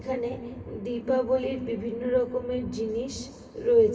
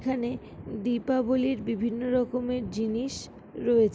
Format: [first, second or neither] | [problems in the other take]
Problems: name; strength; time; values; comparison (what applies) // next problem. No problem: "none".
second | room echo; dies away in 2.2 s